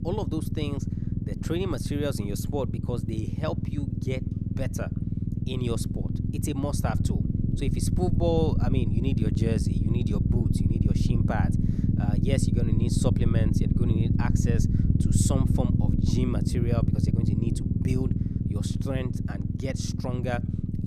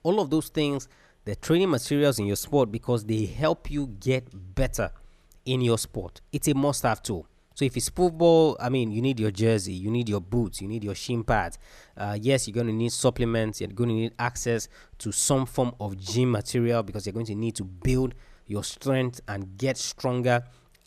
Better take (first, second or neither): second